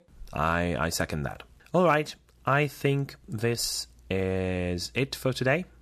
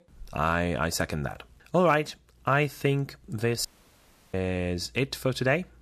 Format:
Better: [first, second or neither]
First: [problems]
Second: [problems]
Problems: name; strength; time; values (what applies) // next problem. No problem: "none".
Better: first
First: none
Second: audio cutting out; at 3.5 s for 0.5 s